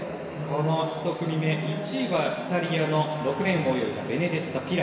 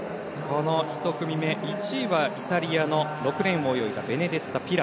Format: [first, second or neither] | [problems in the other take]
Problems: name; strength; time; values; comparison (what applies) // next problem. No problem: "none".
second | room echo; dies away in 1.2 s